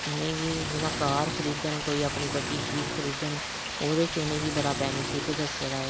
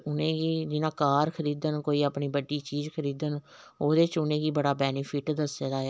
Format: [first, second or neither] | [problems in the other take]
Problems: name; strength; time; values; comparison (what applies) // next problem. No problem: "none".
second | background sound (Engine + Rain); 2 dB below the speech